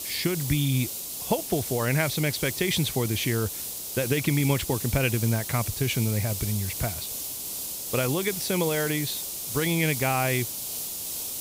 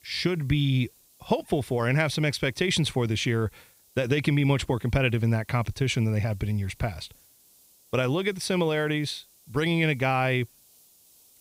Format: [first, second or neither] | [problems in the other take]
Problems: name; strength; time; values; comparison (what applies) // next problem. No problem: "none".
second | hiss; loud; throughout; 4 dB below the speech; faint in the second